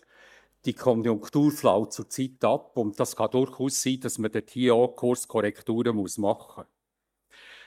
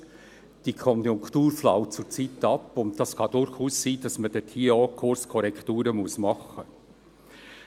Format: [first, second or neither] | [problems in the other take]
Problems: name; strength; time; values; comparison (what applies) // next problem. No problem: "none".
second | noise reduction (neural mask model DeepFilterNet 3)